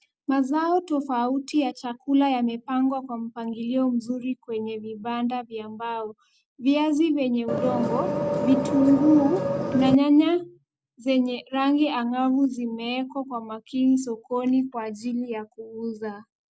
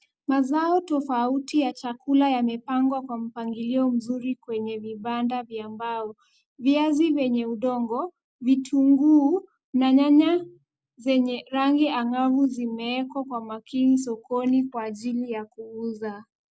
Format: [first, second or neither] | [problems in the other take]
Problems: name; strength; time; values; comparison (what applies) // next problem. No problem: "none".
second | background sound (Vehicle); 2 dB below the speech